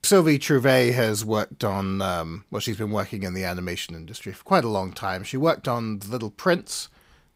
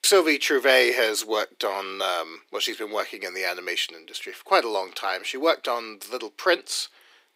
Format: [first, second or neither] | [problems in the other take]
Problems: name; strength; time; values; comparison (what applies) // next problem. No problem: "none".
first | thin; very; fading below 350 Hz